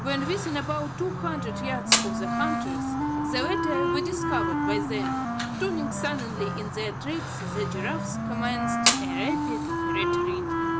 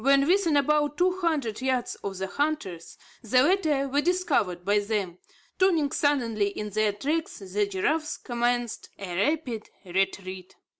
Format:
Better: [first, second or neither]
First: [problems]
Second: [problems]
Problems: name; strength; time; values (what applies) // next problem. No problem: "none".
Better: second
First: background sound (Fire + Wind instrument, woodwind instrument); 5 dB above the speech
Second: none